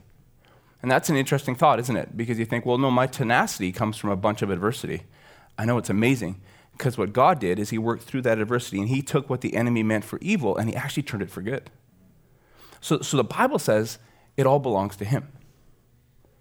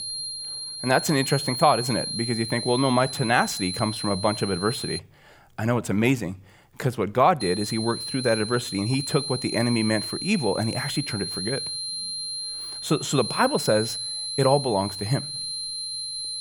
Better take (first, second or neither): first